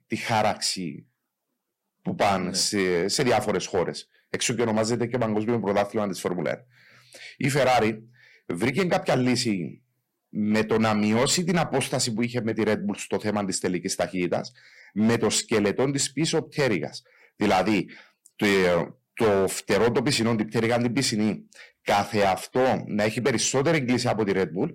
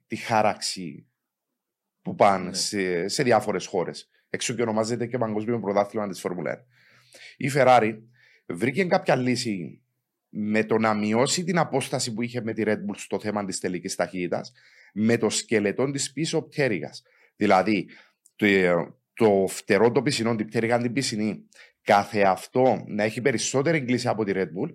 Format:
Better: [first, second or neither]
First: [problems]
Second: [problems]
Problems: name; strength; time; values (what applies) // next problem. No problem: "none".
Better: second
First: distortion; heavy; 8% of the sound clipped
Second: none